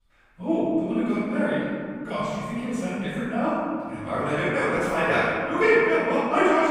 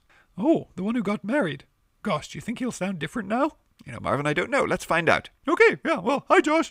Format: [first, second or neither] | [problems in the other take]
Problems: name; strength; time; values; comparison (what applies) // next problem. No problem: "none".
second | room echo; strong; dies away in 1.8 s // off-mic speech; far